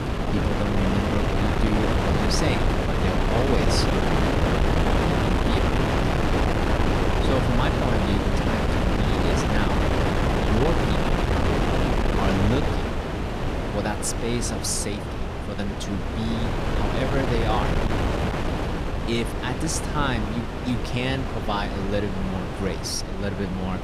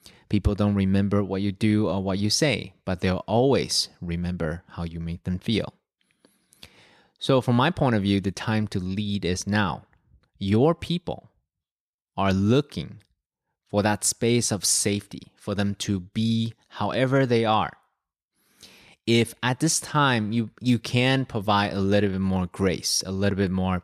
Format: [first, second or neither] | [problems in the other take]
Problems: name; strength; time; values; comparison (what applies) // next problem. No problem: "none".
second | wind noise on the microphone; heavy; 3 dB above the speech